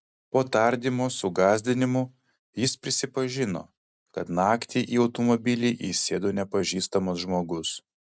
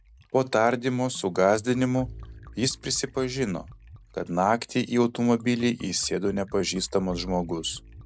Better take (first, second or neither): first